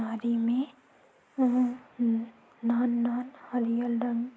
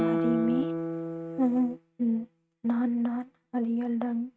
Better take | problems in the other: first | noise reduction (neural mask model RNNoise)

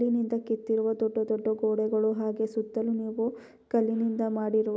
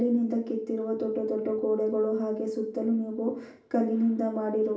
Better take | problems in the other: first | room echo; dies away in 0.4 s

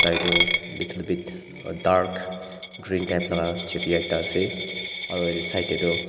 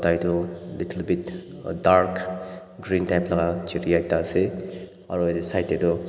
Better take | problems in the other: second | background sound (Coin (dropping)); 3 dB below the speech

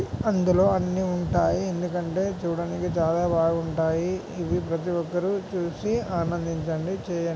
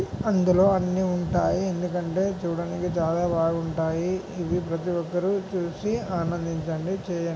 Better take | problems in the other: first | room echo; dies away in 0.8 s

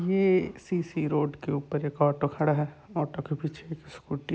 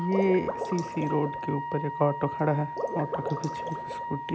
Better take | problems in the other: first | background sound (Wind instrument, woodwind instrument + Water / Liquid); 5 dB below the speech

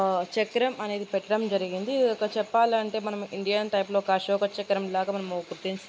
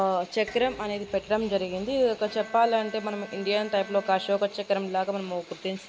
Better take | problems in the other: first | background sound (Dishes, pots, and pans + Bowed string instrument); 19 dB below the speech

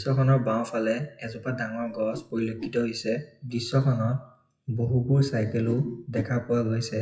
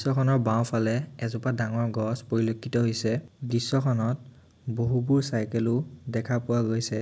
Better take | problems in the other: second | noise reduction (classical method WPE with log-MMSE)

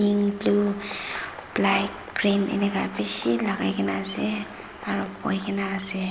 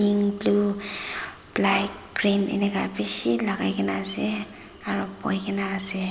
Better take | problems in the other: second | background sound (Applause); 16 dB below the speech

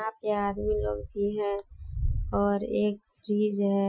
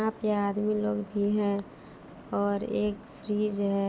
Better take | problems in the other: second | noise reduction (classical method Wiener filter)

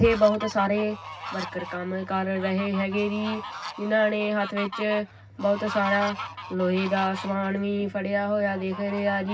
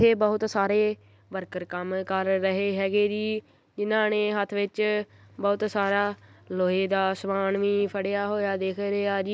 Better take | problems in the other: second | background sound (Fowl); 12 dB below the speech // room echo; dies away in 0.4 s

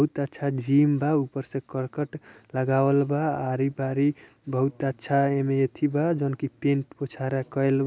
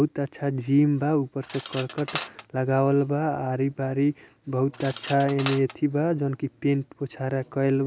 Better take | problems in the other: first | background sound (Cutlery, silverware); 16 dB below the speech

